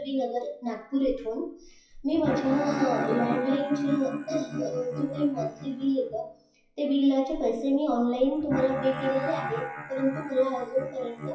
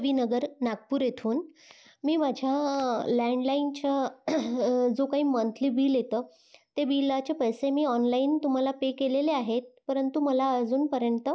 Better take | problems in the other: second | noise reduction (classical method WPE with log-MMSE)

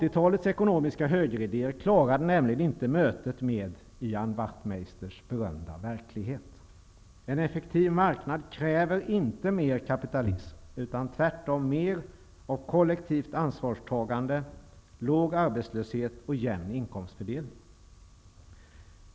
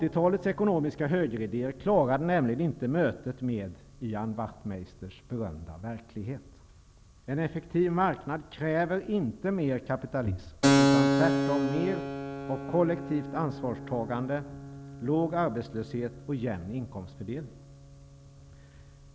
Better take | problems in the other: first | background sound (Keyboard (musical)); 4 dB below the speech

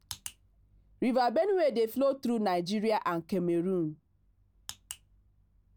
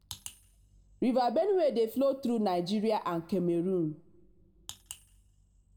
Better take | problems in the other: first | room echo; dies away in 0.8 s

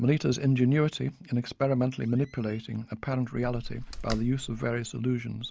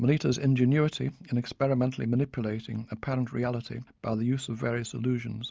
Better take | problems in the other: second | background sound (Slam); 15 dB below the speech

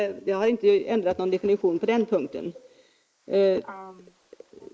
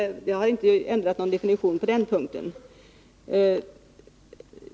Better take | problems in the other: second | noise reduction (neural mask model Resemble Enhance denoiser)

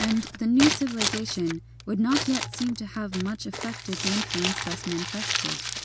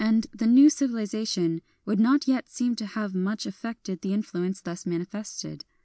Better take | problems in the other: second | background sound (Crumpling, crinkling); 4 dB below the speech

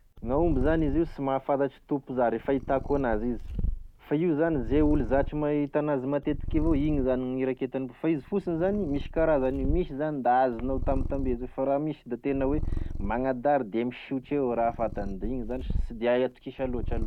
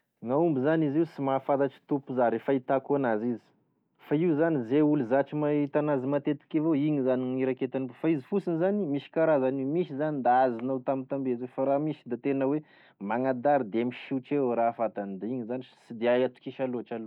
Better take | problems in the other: second | background sound (Purr); 6 dB below the speech

